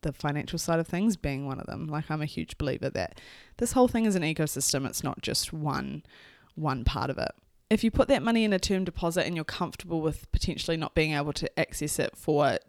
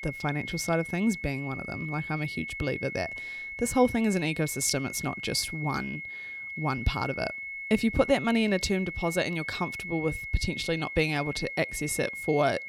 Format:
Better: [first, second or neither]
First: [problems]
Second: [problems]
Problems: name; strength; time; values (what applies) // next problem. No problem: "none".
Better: first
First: none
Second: high-pitched whine; loud; throughout; 2 kHz, 7 dB below the speech